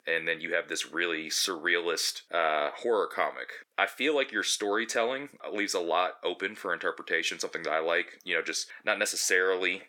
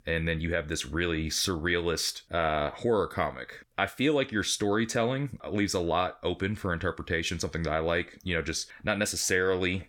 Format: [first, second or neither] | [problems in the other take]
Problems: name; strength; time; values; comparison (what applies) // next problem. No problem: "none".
second | thin; somewhat; fading below 350 Hz